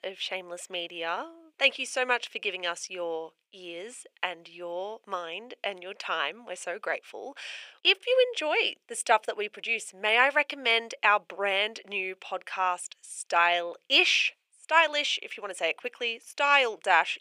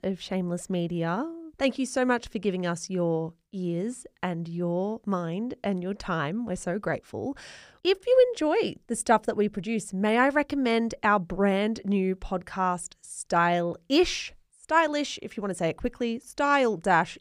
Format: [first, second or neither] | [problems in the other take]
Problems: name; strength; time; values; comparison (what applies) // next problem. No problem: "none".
second | thin; very; fading below 500 Hz